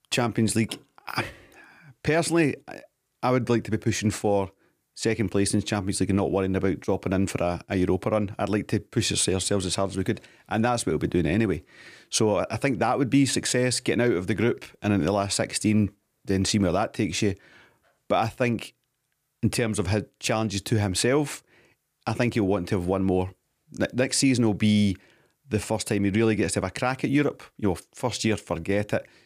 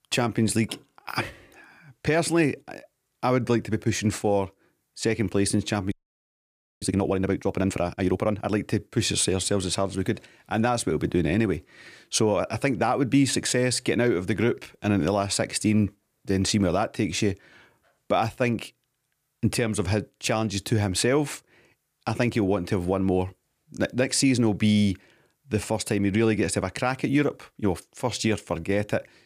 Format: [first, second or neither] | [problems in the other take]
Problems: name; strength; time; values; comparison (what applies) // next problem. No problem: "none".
first | audio freezing; at 6 s for 1 s